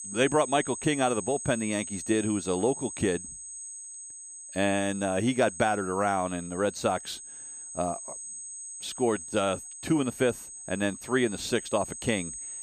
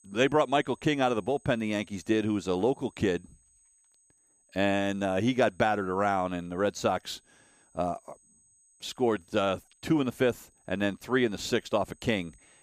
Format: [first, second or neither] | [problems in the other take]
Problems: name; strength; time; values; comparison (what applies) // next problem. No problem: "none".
second | high-pitched whine; loud; throughout; 8 kHz, 10 dB below the speech; faint in the second